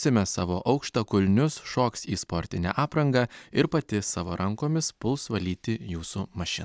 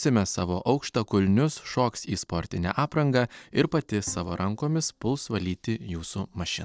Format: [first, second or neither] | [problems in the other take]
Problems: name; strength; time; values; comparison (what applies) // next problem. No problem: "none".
first | noise reduction (neural separator model SepFormer DNS4)